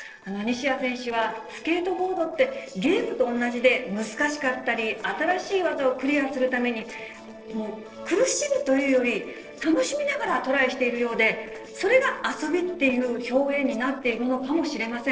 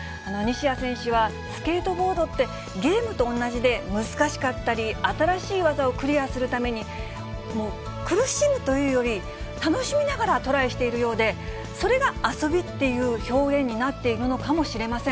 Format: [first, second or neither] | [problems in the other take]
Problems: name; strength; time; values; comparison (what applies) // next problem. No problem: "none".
second | noise reduction (neural separator model SepFormer DNS4)